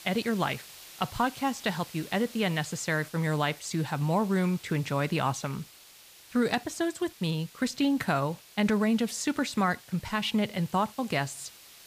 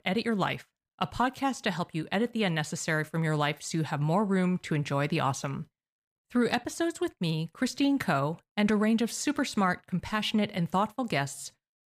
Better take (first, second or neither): second